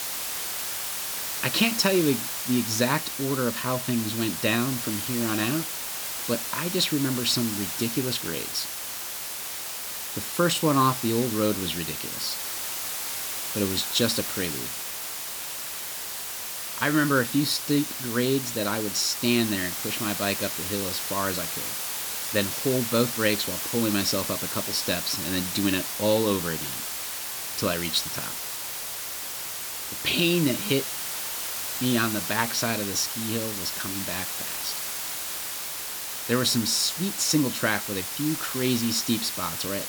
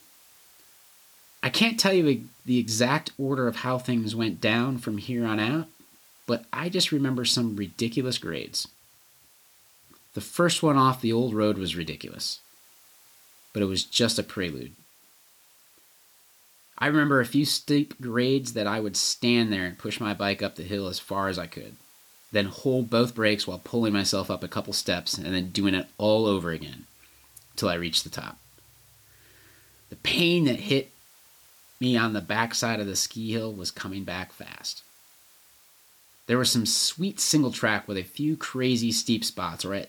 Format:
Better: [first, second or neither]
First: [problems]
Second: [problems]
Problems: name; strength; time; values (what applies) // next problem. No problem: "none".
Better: second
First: hiss; loud; throughout; 3 dB below the speech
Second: hiss; faint; throughout; 30 dB below the speech